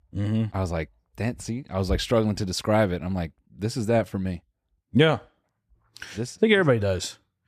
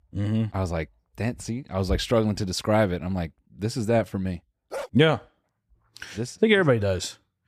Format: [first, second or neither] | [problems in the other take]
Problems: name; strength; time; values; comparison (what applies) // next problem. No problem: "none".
first | dog barking; faint; at 4.5 s; peak 10 dB below the speech